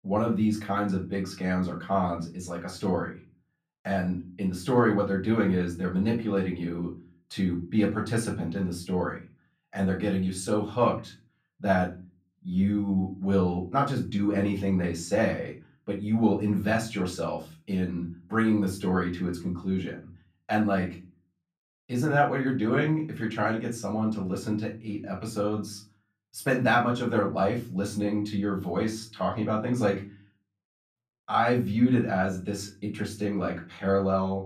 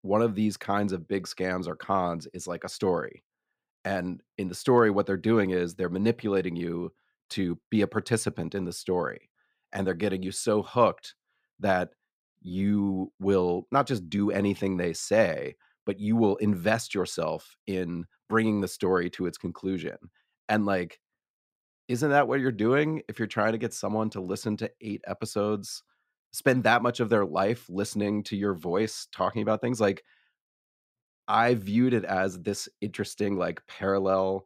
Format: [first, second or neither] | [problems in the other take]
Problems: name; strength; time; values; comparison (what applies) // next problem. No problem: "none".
second | off-mic speech; far // room echo; slight; dies away in 0.3 s